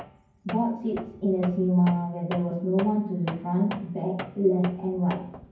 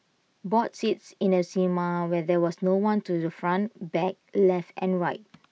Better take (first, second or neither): second